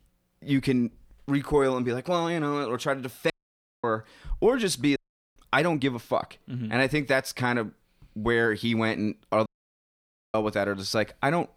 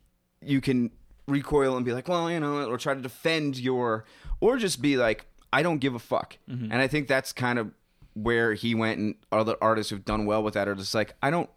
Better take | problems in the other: second | audio cutting out; at 3.5 s for 0.5 s, at 5 s and at 9.5 s for 1 s

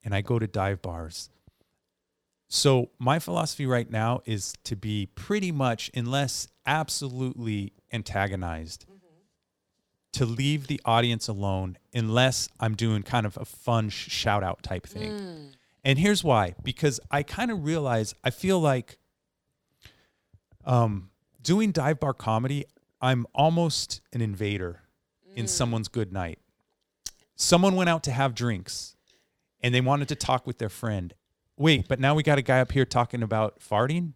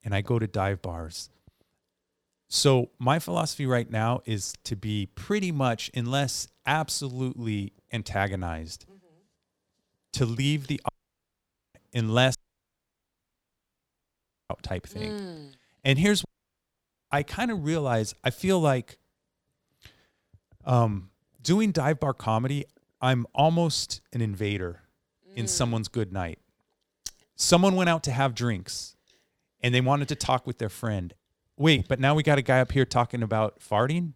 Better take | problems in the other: first | audio cutting out; at 11 s for 1 s, at 12 s for 2 s and at 16 s for 1 s

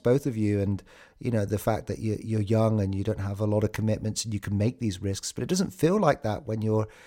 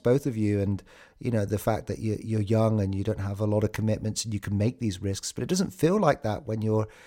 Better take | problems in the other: neither | none

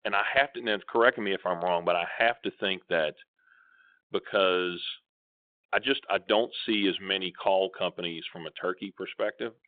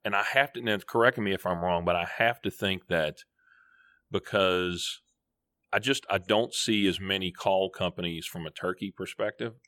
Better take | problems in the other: second | phone-call audio

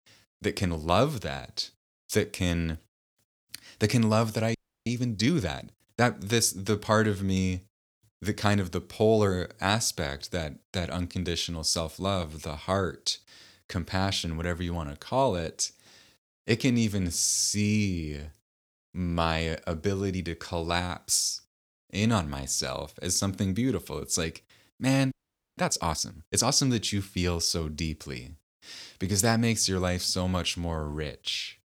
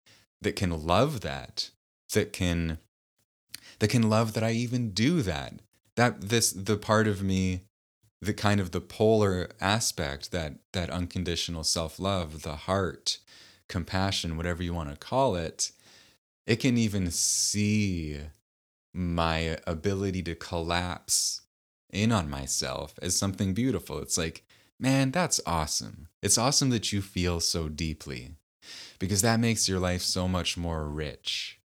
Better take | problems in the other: second | audio freezing; at 4.5 s and at 25 s

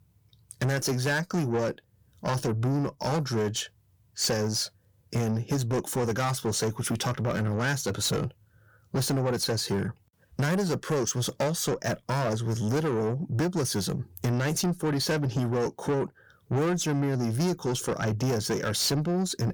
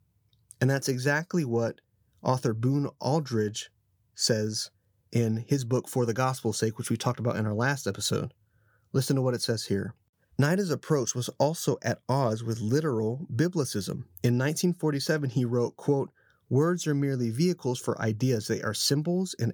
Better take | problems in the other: second | distortion; heavy; 7 dB below the speech

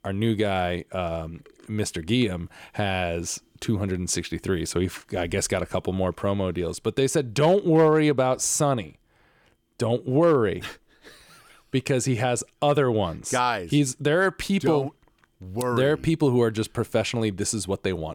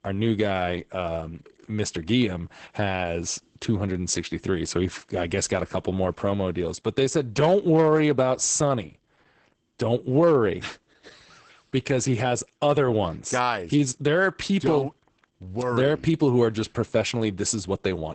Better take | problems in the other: first | garbled, watery; badly; nothing above 8 kHz

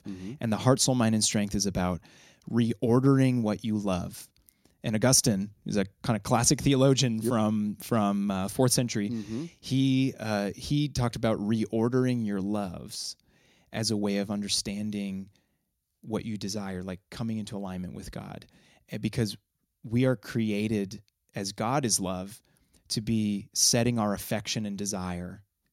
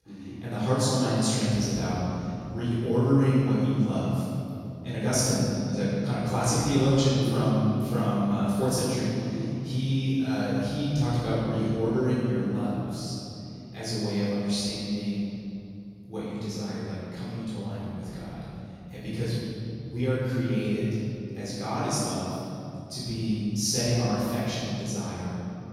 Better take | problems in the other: first | room echo; strong; dies away in 3 s // off-mic speech; far

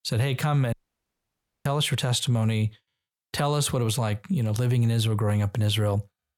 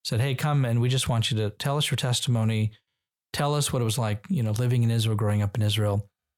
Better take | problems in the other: second | audio cutting out; at 0.5 s for 1 s

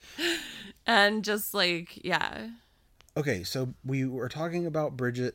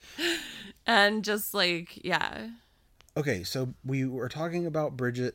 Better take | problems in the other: neither | none

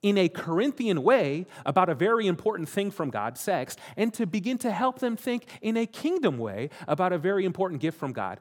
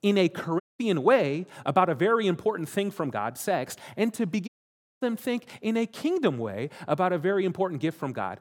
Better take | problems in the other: first | audio cutting out; at 0.5 s and at 4.5 s for 0.5 s

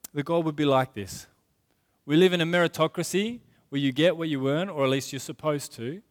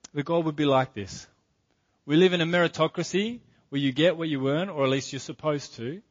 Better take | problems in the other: first | garbled, watery; slightly; nothing above 6.5 kHz

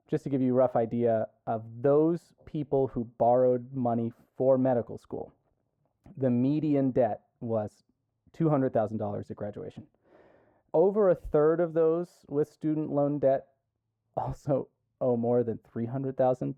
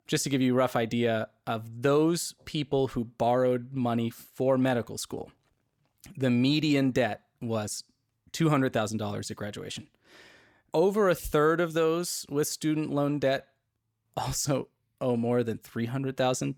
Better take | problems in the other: second | muffled; very; fading above 2 kHz

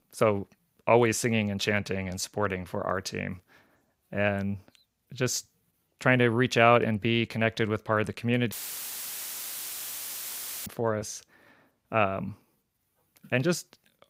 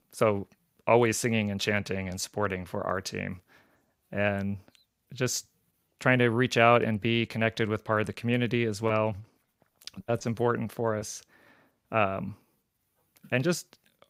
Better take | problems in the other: second | audio cutting out; filled with static; at 8.5 s for 2 s

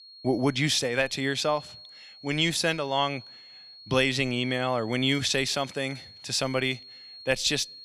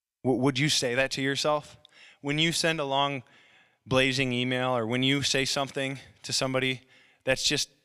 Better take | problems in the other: second | high-pitched whine; noticeable; throughout; 4.5 kHz, 20 dB below the speech

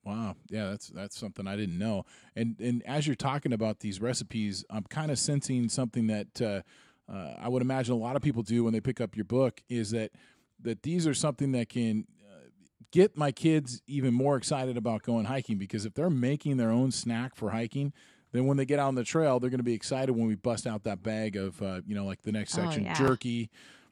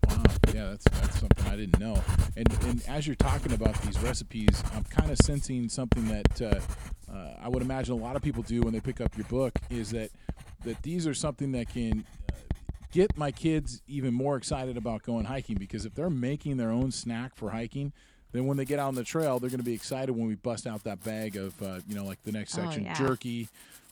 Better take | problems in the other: first | household noises; very loud; throughout; 2 dB above the speech

